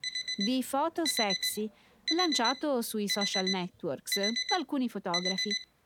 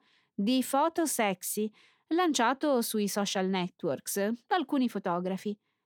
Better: second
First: alarm; loud; peak 4 dB above the speech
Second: none

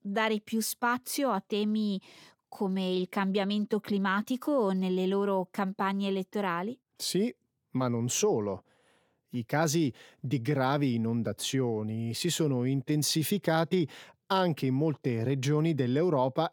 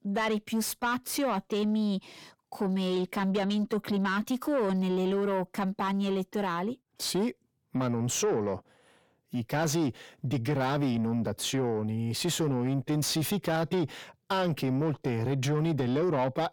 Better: first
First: none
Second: distortion; slight; 10 dB below the speech

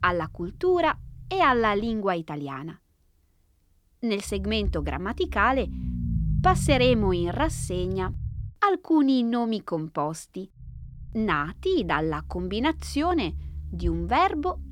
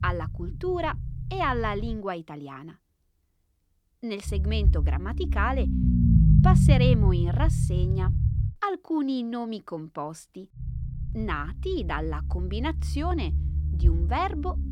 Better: first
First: low rumble; faint; until 2 s, from 4.5 to 8.5 s and from 11 s on; 20 dB below the speech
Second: low rumble; loud; until 2 s, from 4.5 to 8.5 s and from 11 s on; 5 dB below the speech

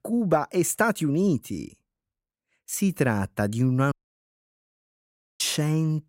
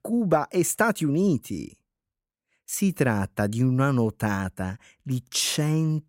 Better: second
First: audio cutting out; at 4 s for 1.5 s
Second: none

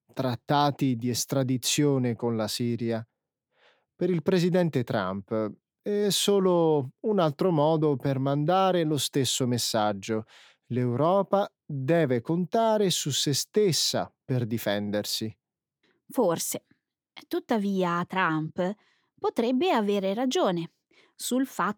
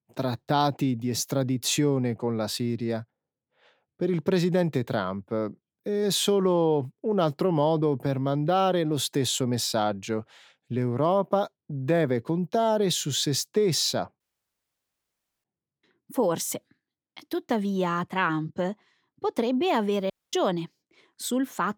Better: first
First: none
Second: audio cutting out; at 14 s for 1 s and at 20 s

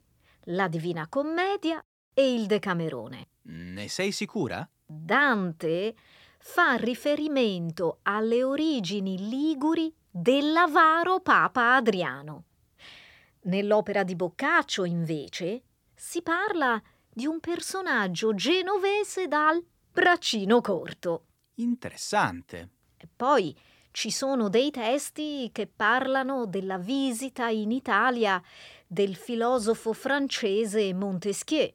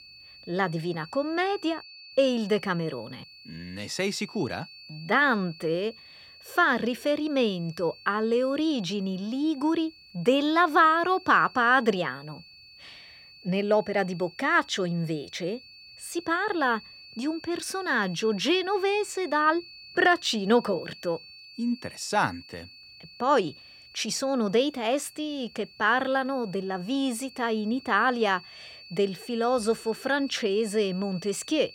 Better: first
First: none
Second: high-pitched whine; noticeable; throughout; 4.5 kHz, 20 dB below the speech

